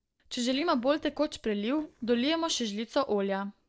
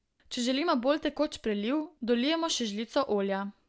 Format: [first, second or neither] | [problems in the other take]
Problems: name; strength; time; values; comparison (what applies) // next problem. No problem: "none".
second | noise reduction (neural separator model SepFormer DNS4)